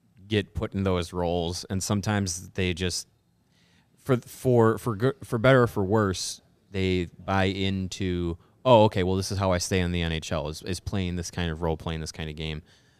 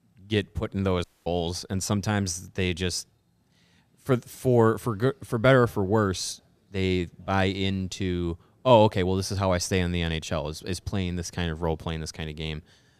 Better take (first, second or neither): first